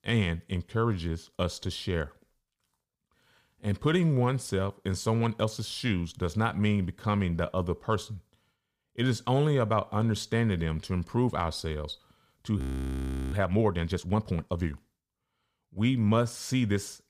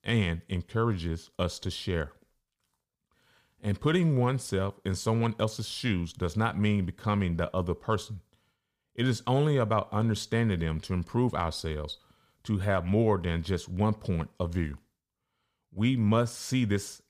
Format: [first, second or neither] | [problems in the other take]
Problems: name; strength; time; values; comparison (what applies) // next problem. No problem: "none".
second | audio freezing; at 13 s for 0.5 s